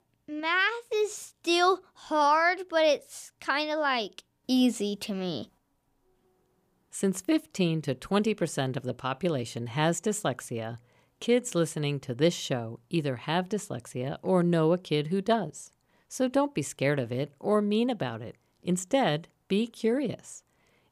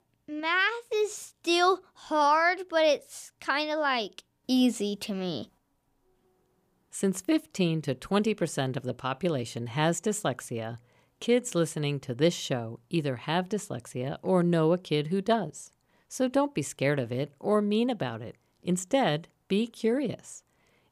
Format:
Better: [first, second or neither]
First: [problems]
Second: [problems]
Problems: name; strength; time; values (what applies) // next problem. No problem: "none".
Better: neither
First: none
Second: none